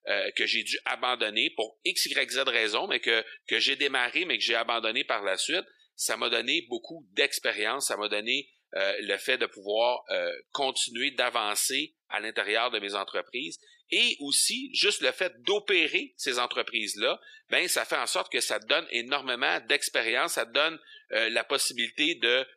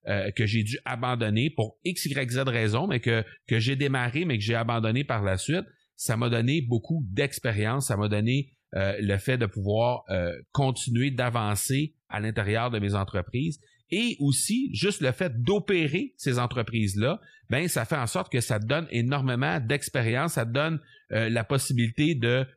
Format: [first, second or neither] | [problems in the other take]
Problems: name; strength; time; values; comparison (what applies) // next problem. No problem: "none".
second | thin; very; fading below 350 Hz